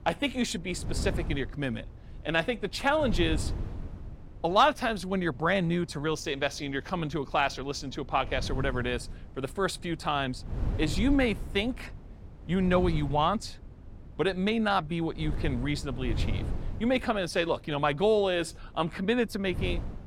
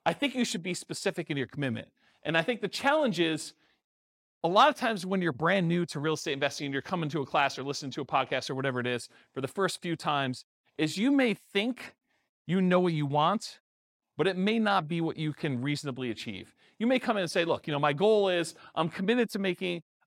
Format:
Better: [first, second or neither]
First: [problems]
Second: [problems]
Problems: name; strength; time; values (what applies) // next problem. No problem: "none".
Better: second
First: wind noise on the microphone; occasional gusts; 20 dB below the speech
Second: none